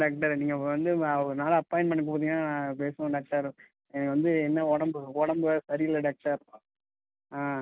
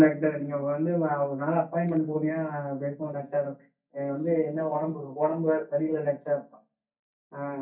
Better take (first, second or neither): first